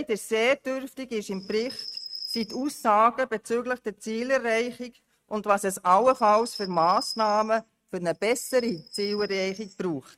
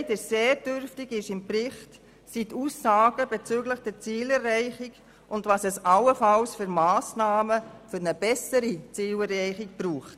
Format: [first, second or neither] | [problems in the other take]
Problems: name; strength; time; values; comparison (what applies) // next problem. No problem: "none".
second | noise reduction (neural mask model RNNoise)